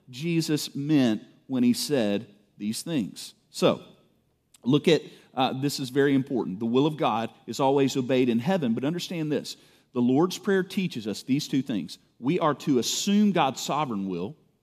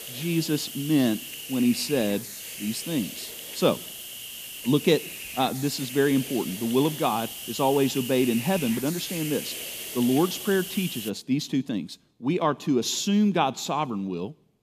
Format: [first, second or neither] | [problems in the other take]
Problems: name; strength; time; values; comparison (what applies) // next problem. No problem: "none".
first | hiss; loud; until 11 s; 8 dB below the speech